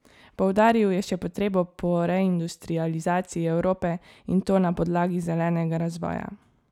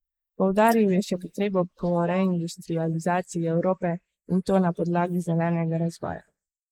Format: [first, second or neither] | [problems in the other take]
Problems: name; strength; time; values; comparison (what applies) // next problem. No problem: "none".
first | noise reduction (neural mask model Resemble Enhance denoiser)